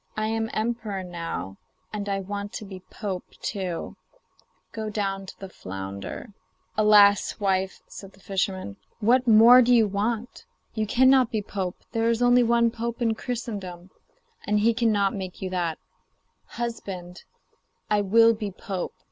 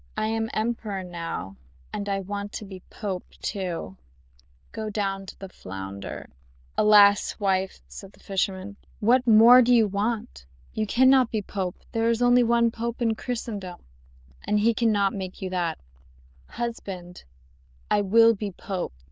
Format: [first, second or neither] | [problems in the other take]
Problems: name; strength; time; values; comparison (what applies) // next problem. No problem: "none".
first | noise reduction (neural diffusion model UNIVERSE++)